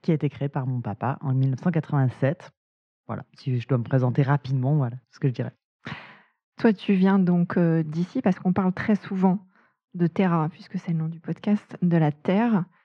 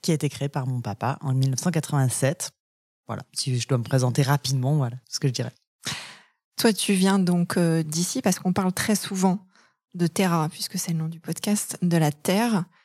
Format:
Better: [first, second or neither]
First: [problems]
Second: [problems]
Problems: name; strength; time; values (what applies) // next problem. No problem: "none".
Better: second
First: muffled; very; fading above 2.5 kHz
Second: none